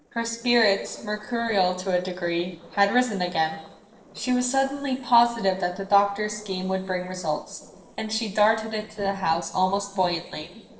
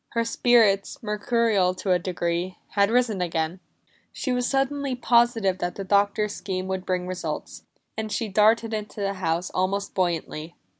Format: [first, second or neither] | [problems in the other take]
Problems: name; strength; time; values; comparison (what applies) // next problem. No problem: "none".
second | noise reduction (neural separator model SepFormer DNS4)